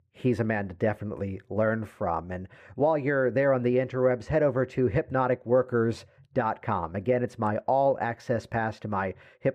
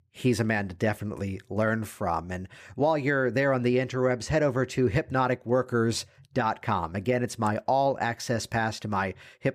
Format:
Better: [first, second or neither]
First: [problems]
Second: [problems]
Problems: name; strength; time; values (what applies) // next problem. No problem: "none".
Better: second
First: muffled; very; fading above 3 kHz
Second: none